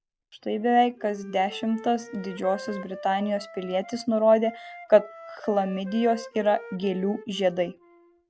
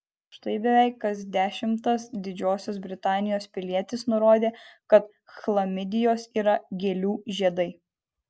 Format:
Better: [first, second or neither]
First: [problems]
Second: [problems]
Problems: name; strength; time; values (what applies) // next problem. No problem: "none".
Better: second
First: background sound (Wind instrument, woodwind instrument); 17 dB below the speech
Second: none